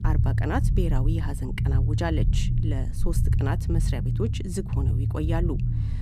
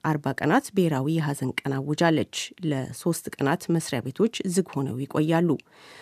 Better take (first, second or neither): second